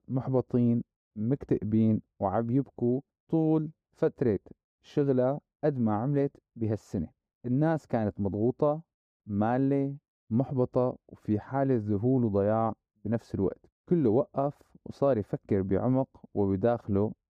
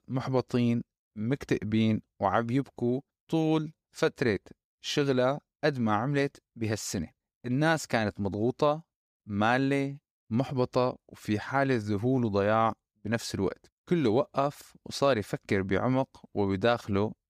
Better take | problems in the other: second | muffled; very; fading above 1.5 kHz

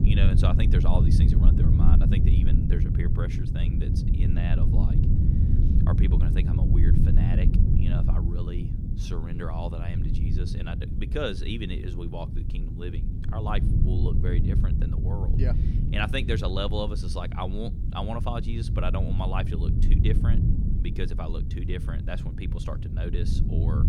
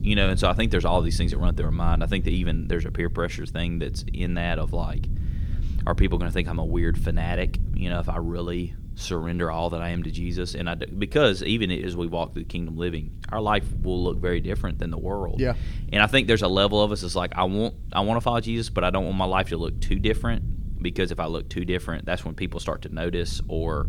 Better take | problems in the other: second | low rumble; loud; throughout; 2 dB below the speech; faint in the second

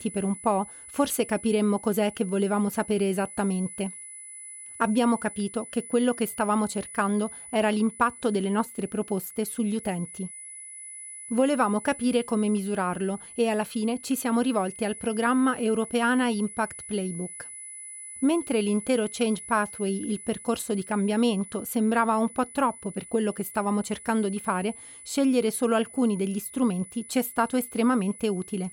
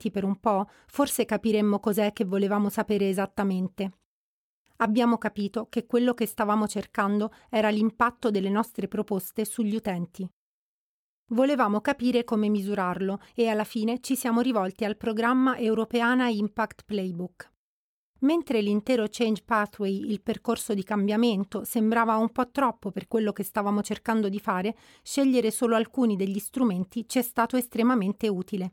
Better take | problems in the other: second | high-pitched whine; noticeable; throughout; 10 kHz, 15 dB below the speech

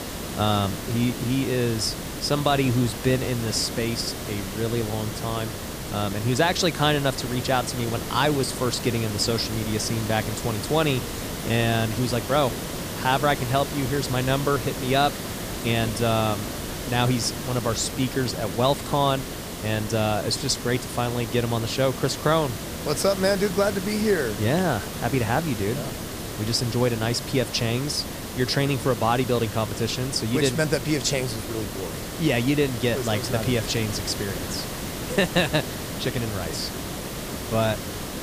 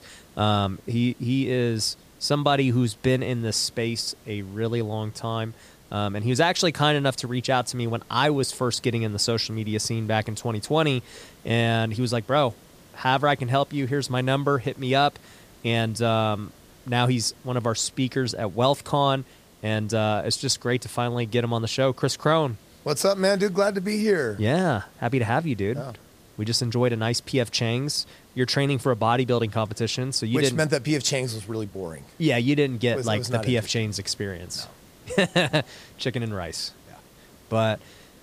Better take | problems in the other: second | hiss; loud; throughout; 7 dB below the speech; faint in the second

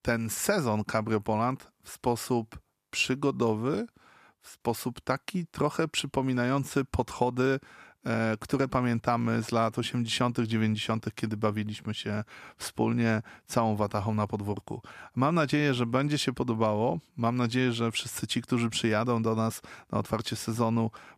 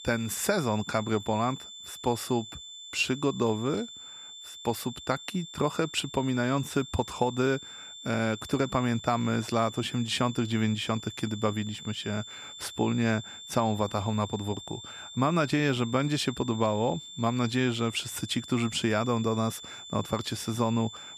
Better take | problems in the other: first | high-pitched whine; noticeable; throughout; 3.5 kHz, 15 dB below the speech

